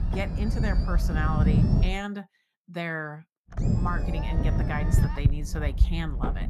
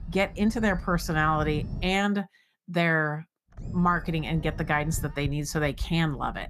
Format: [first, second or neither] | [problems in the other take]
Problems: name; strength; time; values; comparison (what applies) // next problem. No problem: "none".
second | low rumble; loud; until 2 s and from 3.5 s on; 3 dB below the speech; faint in the second